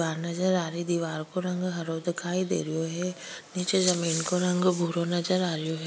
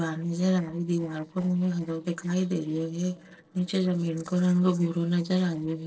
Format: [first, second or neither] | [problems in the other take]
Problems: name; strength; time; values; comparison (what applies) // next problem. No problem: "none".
first | noise reduction (neural separator model SepFormer DNS4)